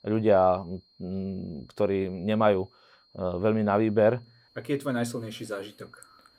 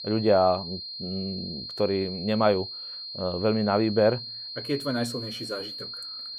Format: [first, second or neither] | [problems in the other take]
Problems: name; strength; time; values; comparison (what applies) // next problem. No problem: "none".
first | high-pitched whine; loud; throughout; 4 kHz, 9 dB below the speech; faint in the first